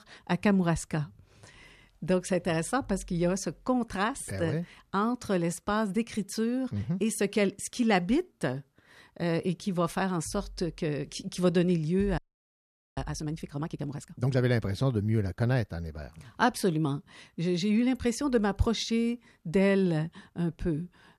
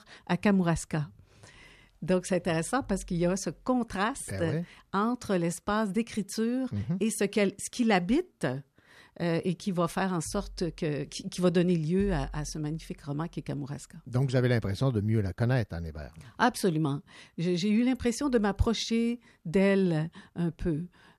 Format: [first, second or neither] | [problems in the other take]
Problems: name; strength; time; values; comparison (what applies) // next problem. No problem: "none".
second | audio freezing; at 12 s for 1 s